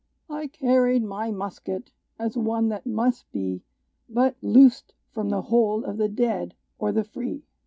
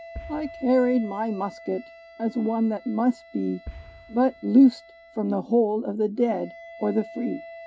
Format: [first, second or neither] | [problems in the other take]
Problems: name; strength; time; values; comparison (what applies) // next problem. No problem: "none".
first | background sound (Wind instrument, woodwind instrument + Boom); 19 dB below the speech